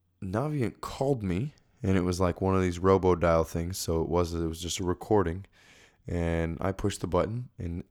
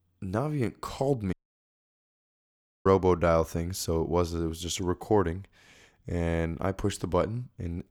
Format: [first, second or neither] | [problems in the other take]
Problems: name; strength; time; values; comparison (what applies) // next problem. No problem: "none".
first | audio cutting out; at 1.5 s for 1.5 s